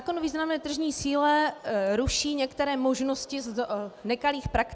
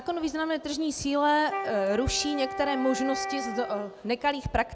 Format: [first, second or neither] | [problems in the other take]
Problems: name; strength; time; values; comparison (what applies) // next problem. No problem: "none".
first | background sound (Wind instrument, woodwind instrument); 8 dB below the speech